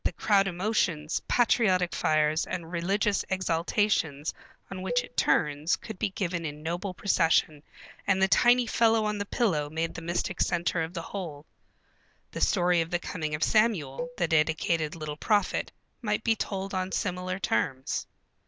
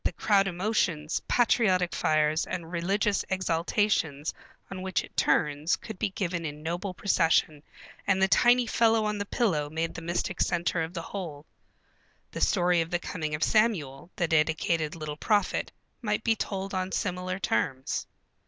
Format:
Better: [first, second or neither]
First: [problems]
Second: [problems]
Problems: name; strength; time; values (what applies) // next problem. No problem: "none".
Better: second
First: background sound (Cowbell); 13 dB below the speech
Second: none